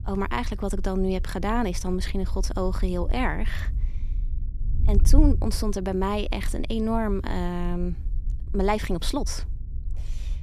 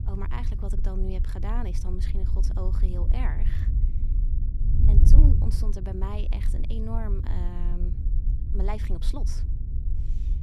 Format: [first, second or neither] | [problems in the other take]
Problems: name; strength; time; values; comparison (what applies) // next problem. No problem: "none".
first | wind noise on the microphone; heavy; 4 dB below the speech; occasional gusts in the first